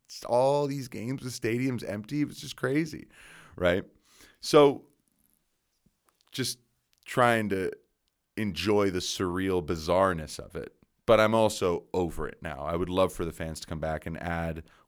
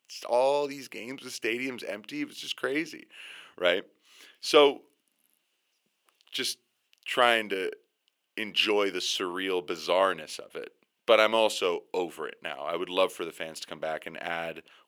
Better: first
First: none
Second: thin; somewhat; fading below 400 Hz

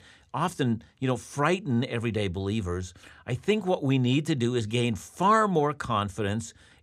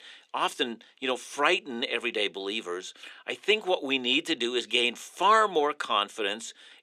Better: first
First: none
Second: thin; somewhat; fading below 300 Hz

